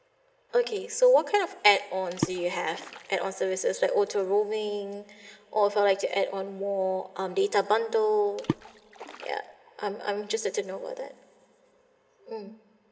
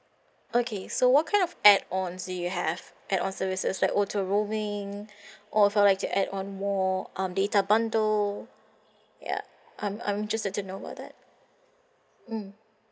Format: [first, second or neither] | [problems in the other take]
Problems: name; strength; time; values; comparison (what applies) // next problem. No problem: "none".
second | background sound (Water / Splash, splatter); 9 dB below the speech // room echo; dies away in 1.7 s